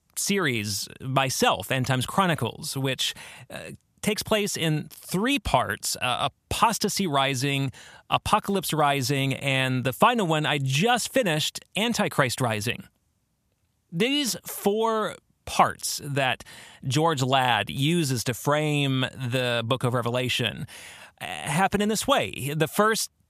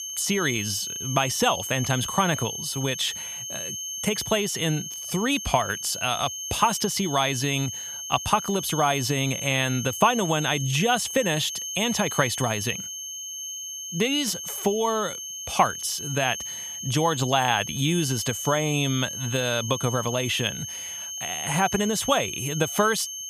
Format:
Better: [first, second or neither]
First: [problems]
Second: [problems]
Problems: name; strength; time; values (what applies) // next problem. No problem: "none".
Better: first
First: none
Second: high-pitched whine; loud; throughout; 6.5 kHz, 6 dB below the speech